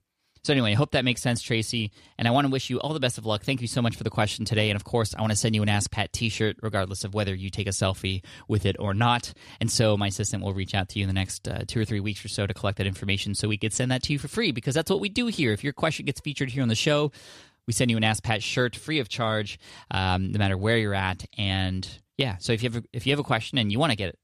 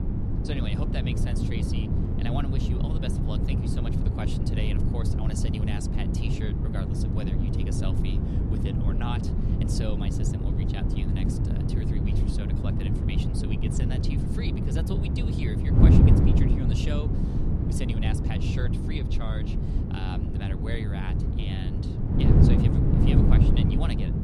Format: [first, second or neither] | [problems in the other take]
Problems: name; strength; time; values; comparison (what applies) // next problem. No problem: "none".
first | wind noise on the microphone; heavy; 4 dB above the speech